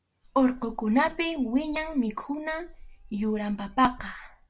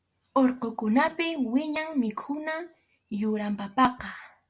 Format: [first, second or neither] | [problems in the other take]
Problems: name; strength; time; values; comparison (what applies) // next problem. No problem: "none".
second | background sound (Meow); 19 dB below the speech